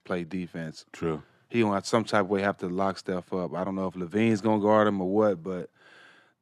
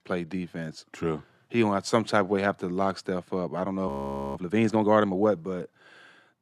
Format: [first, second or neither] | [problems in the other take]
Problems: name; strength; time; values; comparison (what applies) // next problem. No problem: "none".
first | audio freezing; at 4 s